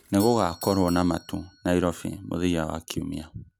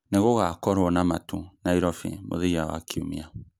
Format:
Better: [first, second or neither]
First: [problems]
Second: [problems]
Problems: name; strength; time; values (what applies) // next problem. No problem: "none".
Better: second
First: background sound (Doorbell); 20 dB below the speech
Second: none